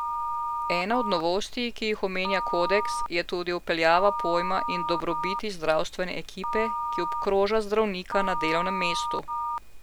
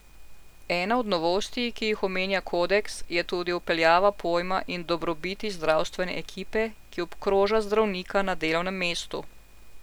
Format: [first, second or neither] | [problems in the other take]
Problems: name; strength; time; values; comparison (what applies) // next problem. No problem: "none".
second | background sound (Telephone); 5 dB below the speech